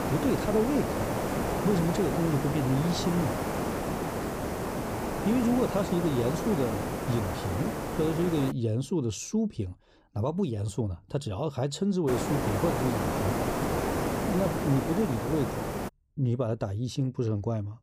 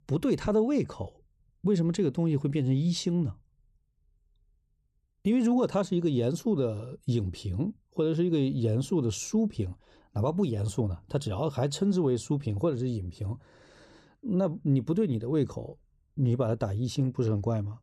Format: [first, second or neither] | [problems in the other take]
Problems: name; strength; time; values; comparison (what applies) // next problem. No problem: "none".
second | hiss; loud; until 8.5 s and from 12 to 16 s; 1 dB below the speech